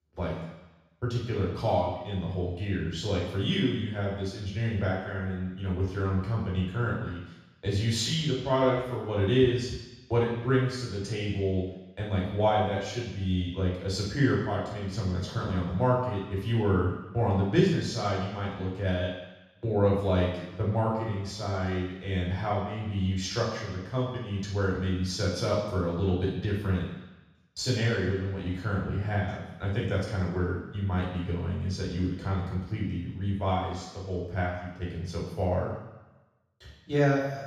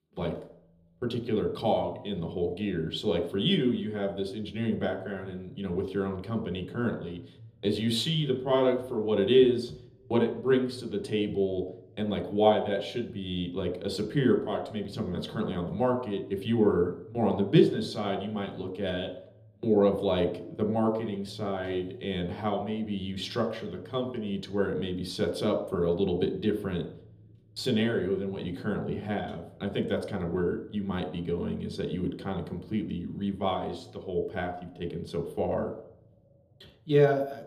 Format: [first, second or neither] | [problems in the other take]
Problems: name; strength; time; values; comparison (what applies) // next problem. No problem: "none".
second | room echo; strong; dies away in 1.1 s; slight in the second // off-mic speech; far